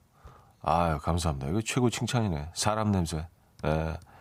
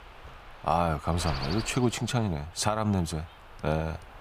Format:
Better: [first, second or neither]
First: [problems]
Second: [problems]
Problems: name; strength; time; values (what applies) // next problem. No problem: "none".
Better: first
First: none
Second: wind noise on the microphone; occasional gusts; 10 dB below the speech